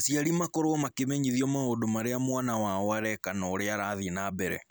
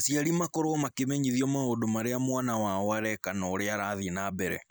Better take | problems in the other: first | noise reduction (neural mask model Resemble Enhance denoiser)

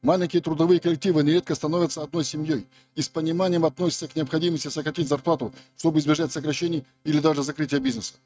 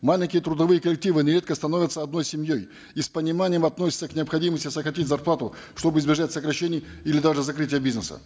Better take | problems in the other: second | noise reduction (neural mask model RNNoise)

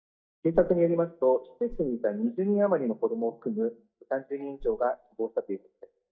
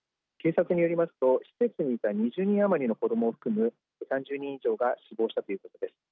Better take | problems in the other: second | noise reduction (neural mask model DeepFilterNet 3)

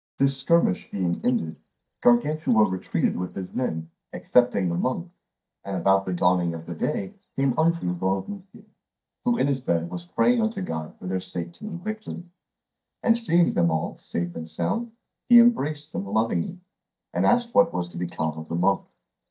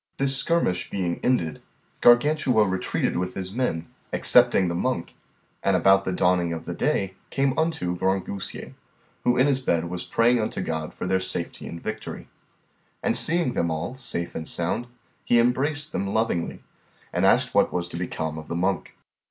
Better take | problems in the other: second | noise reduction (neural mask model DeepFilterNet 3)

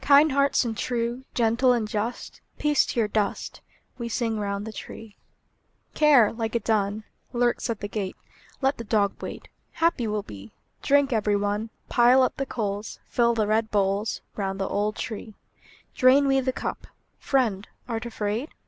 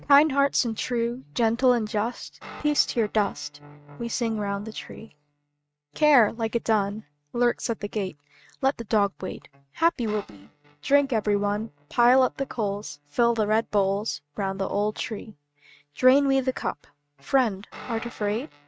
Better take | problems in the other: first | noise reduction (neural mask model RNNoise)

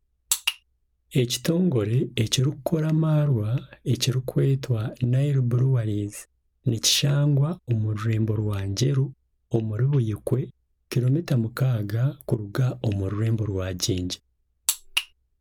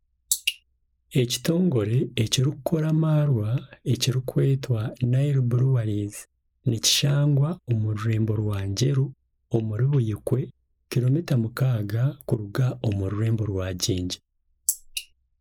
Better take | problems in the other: first | noise reduction (neural mask model Resemble Enhance denoiser)

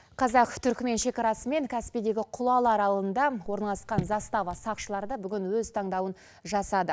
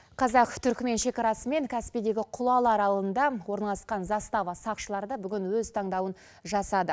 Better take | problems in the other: second | background sound (Raindrop / Drip); 10 dB below the speech

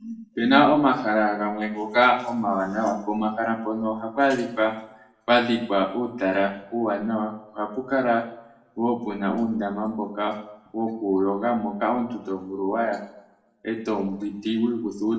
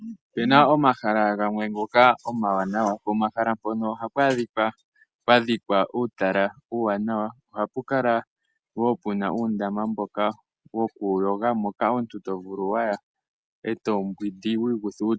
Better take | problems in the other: second | room echo; dies away in 0.7 s

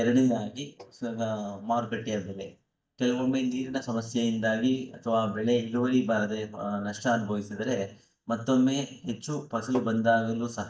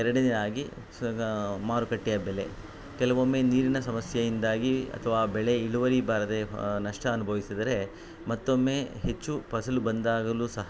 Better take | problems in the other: second | noise reduction (neural mask model DeepFilterNet 3)

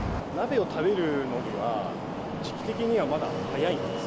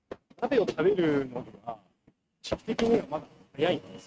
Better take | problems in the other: first | noise reduction (neural mask model RNNoise)

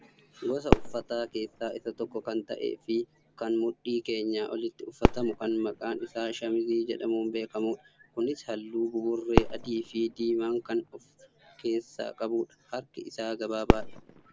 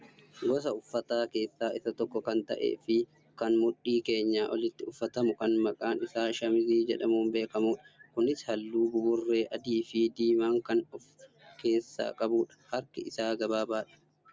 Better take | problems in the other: second | background sound (Fireworks); 1 dB below the speech

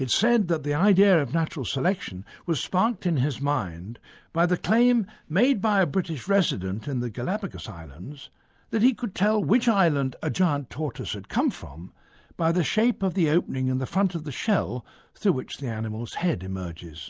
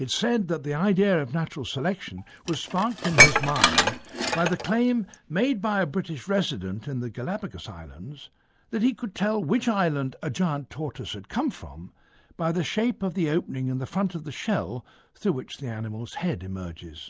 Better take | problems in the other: first | background sound (Dishes, pots, and pans); 4 dB above the speech

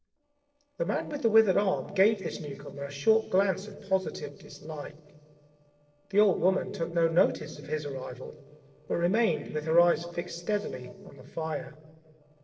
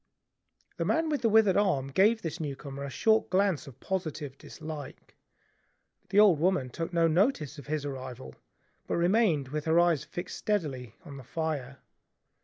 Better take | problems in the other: second | noise reduction (neural separator model SepFormer DNS4)

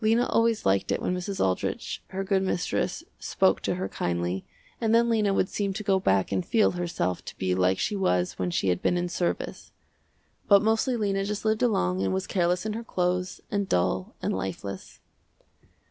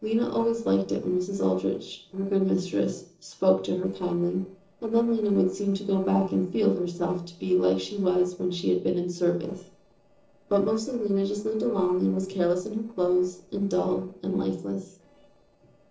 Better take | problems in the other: first | noise reduction (neural separator model SepFormer DNS4)

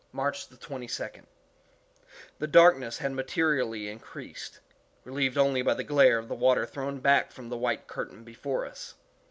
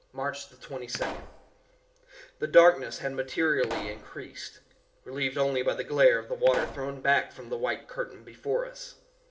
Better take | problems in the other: first | background sound (Explosion); 13 dB below the speech // room echo; dies away in 1.1 s

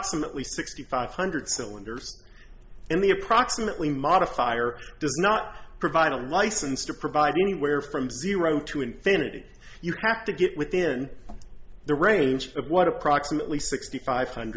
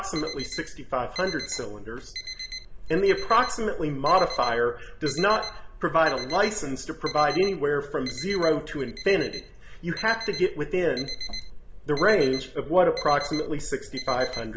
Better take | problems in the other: first | background sound (Alarm); 14 dB below the speech // room echo; dies away in 0.2 s

